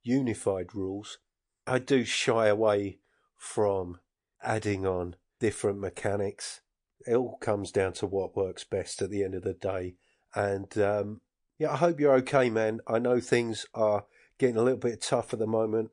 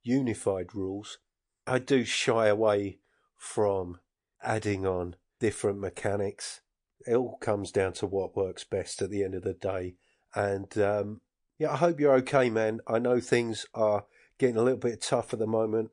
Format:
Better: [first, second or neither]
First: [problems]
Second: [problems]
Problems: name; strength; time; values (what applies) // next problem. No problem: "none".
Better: neither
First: garbled, watery; slightly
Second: garbled, watery; slightly